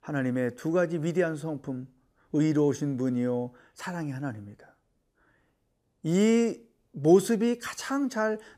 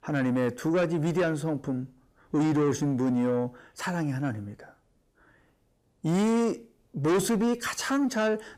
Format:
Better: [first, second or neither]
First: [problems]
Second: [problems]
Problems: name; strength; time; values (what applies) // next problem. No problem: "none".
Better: first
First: none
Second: distortion; heavy; 7 dB below the speech